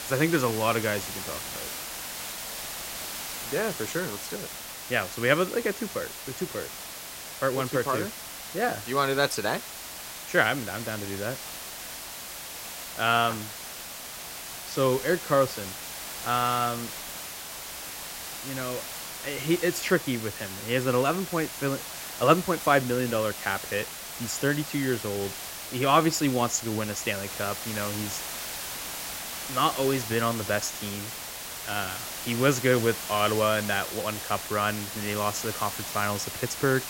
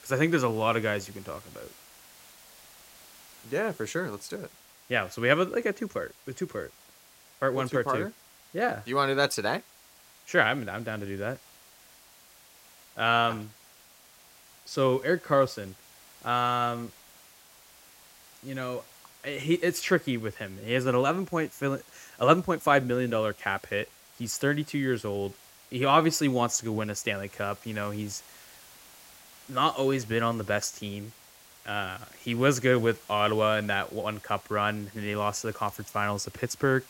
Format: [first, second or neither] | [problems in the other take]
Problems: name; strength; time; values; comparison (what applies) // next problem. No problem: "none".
second | hiss; loud; throughout; 7 dB below the speech; faint in the second